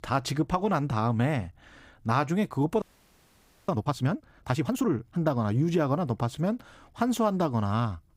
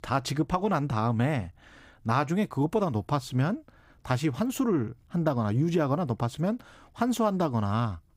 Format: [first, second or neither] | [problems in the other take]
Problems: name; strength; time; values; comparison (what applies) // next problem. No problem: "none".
second | audio freezing; at 3 s for 1 s